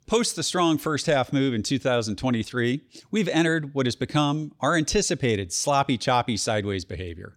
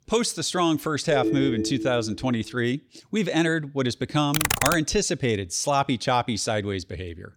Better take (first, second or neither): first